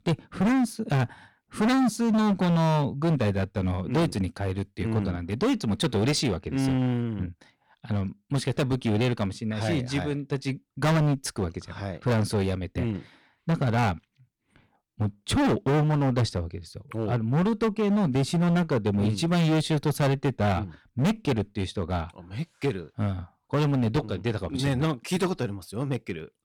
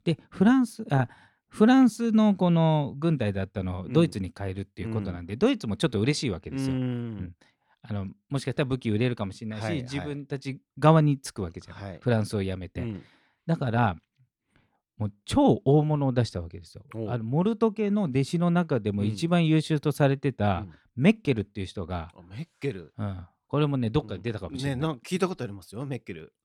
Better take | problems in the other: second | distortion; heavy; 15% of the sound clipped

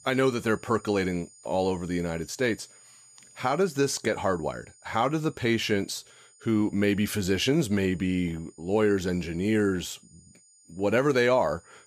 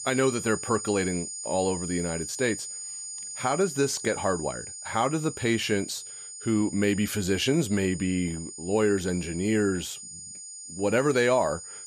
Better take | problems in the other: first | high-pitched whine; loud; throughout; 7 kHz, 9 dB below the speech; faint in the first

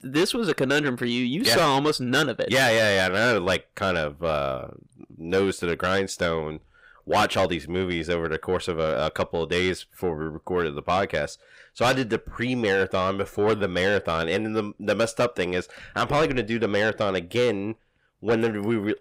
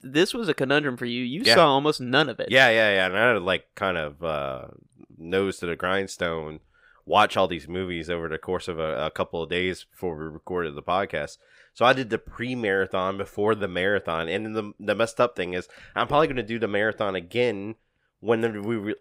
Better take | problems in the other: second | distortion; heavy; 7 dB below the speech

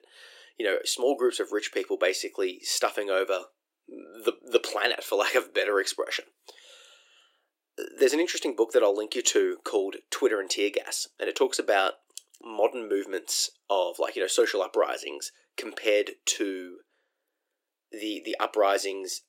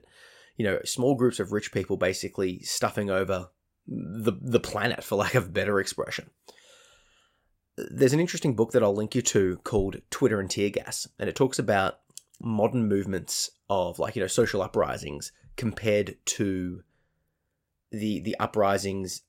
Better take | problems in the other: second | thin; somewhat; fading below 300 Hz

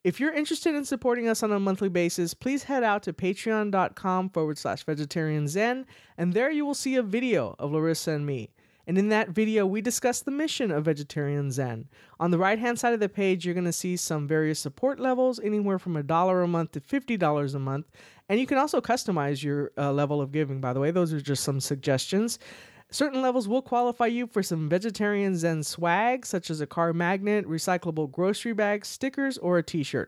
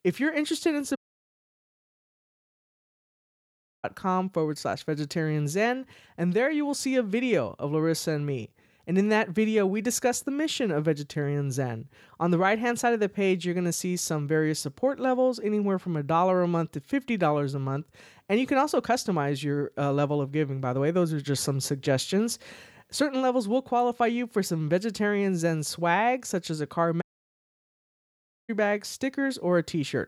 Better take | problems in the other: first | audio cutting out; at 1 s for 3 s and at 27 s for 1.5 s

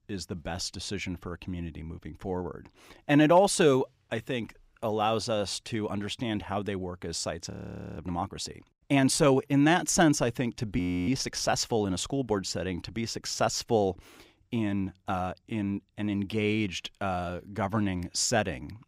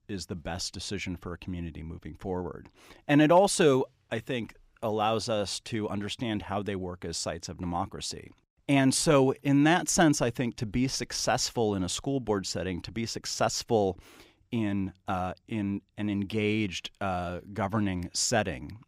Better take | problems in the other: second | audio freezing; at 7.5 s and at 11 s

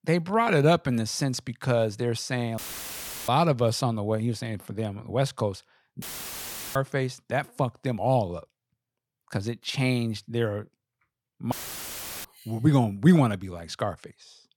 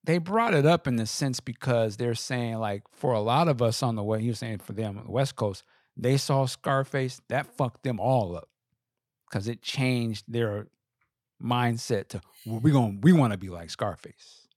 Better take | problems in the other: second | audio cutting out; filled with static; at 2.5 s for 0.5 s, at 6 s for 0.5 s and at 12 s for 0.5 s

